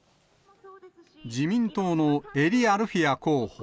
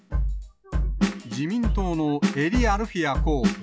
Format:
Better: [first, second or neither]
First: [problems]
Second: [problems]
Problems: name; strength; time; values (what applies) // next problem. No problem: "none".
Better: first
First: none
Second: noise reduction (classical method log-MMSE)